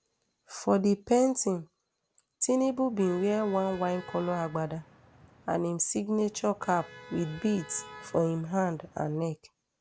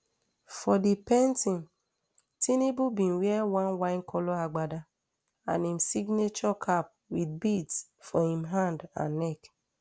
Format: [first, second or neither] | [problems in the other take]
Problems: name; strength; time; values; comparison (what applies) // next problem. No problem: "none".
second | background sound (Motor vehicle (road)); 19 dB below the speech